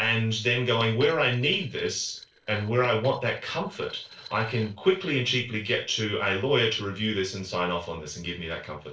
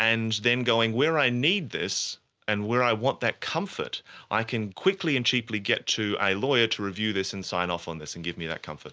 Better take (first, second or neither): second